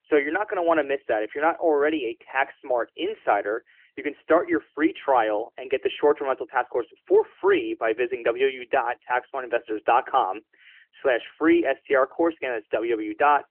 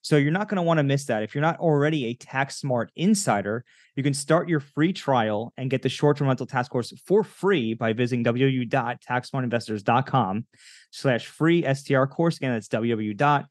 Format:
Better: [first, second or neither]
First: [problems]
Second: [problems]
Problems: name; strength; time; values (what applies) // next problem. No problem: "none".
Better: second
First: phone-call audio; nothing above 3 kHz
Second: none